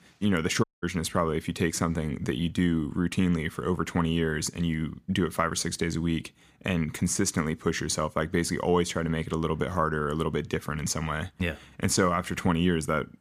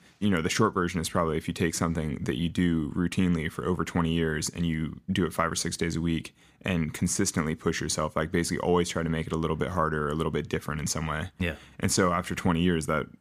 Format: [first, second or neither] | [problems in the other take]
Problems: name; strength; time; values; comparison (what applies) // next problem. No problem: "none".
second | audio cutting out; at 0.5 s